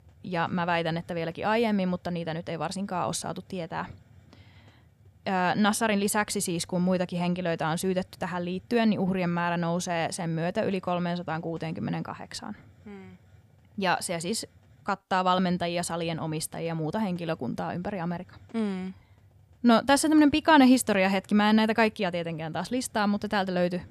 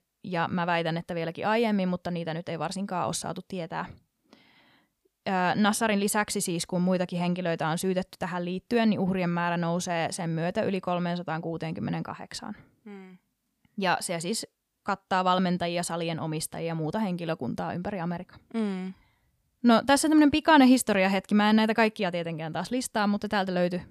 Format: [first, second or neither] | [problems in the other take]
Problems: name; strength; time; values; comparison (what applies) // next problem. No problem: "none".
second | hiss; faint; throughout; 30 dB below the speech